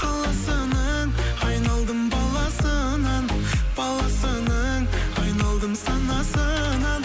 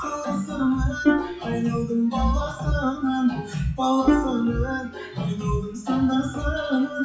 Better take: first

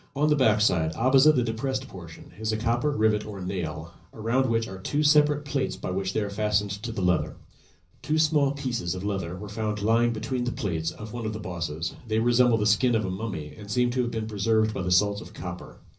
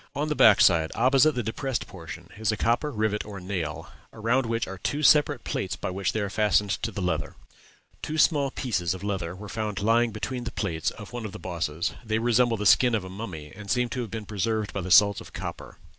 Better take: second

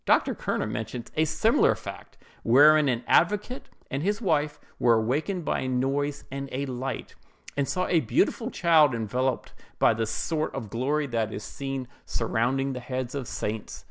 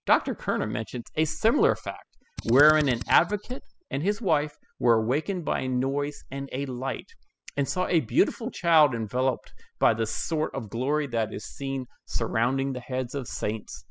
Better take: first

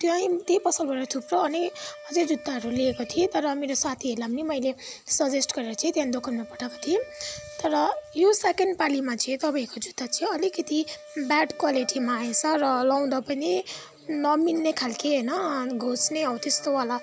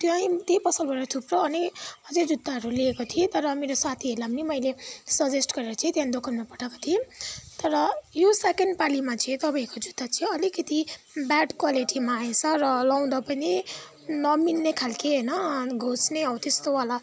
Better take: second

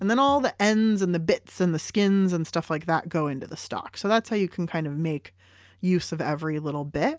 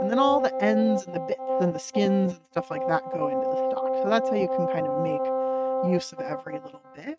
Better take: first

